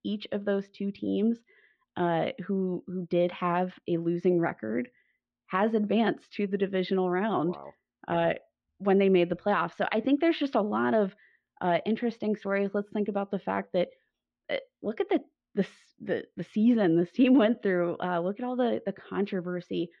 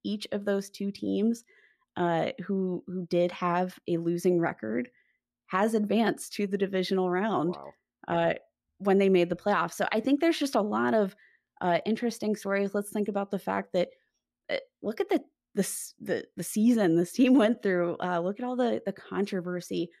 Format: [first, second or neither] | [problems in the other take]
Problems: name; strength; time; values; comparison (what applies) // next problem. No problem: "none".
second | muffled; slightly; fading above 3.5 kHz